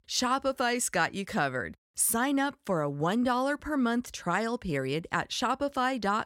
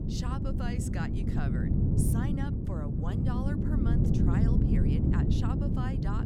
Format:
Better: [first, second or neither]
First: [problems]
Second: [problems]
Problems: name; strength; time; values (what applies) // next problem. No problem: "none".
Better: first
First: none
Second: wind noise on the microphone; heavy; 4 dB above the speech